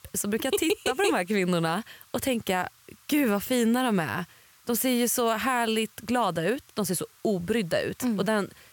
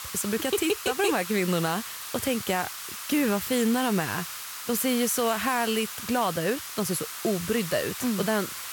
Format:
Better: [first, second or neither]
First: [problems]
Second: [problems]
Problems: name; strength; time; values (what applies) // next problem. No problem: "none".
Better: first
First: hiss; faint; throughout; 30 dB below the speech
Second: hiss; loud; throughout; 7 dB below the speech